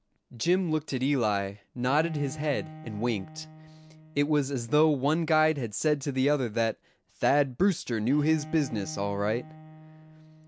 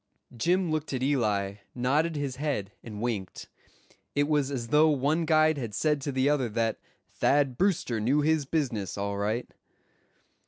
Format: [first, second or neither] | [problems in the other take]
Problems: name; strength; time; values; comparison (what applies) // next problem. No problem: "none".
second | background sound (Bowed string instrument); 18 dB below the speech